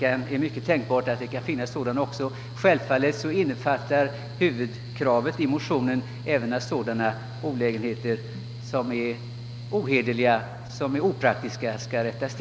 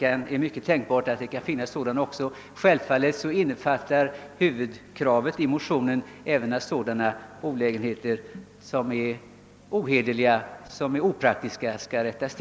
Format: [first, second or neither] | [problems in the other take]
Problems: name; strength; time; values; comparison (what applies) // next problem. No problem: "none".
second | background sound (Mechanical fan); 11 dB below the speech